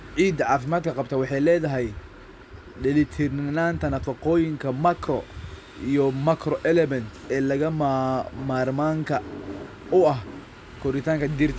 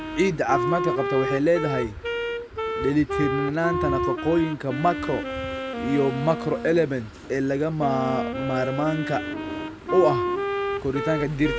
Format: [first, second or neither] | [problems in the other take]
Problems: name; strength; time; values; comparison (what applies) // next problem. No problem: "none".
first | background sound (Wind instrument, woodwind instrument); 4 dB below the speech